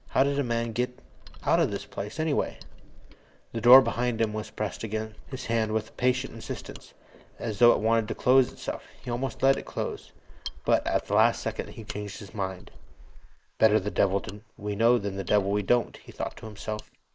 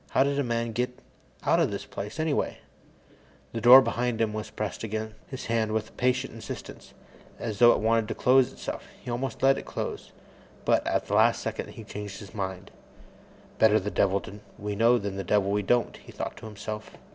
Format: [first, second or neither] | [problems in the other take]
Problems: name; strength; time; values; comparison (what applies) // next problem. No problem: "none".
second | noise reduction (neural mask model Resemble Enhance denoiser)